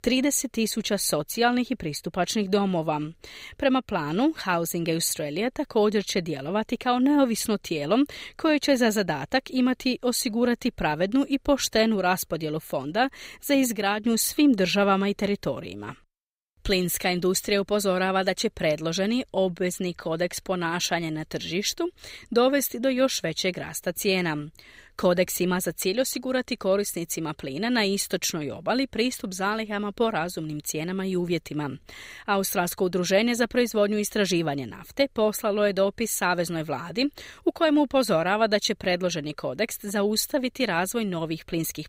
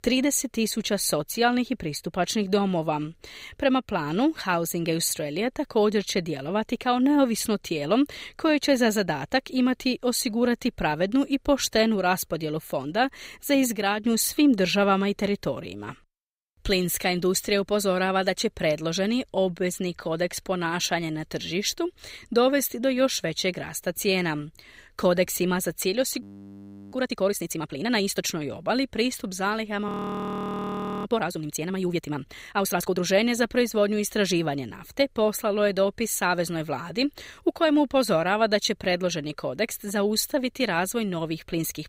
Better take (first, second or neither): first